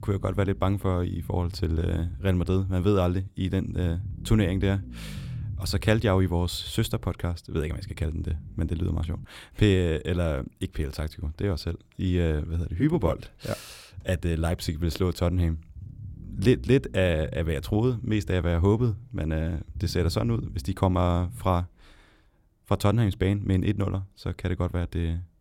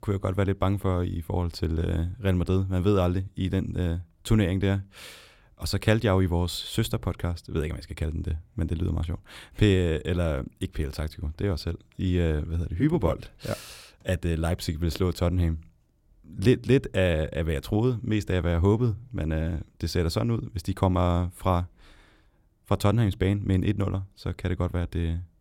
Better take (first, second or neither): second